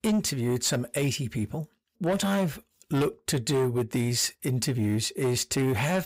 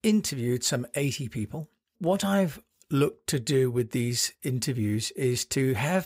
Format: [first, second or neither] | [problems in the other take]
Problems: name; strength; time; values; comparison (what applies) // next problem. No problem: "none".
second | distortion; slight; 10 dB below the speech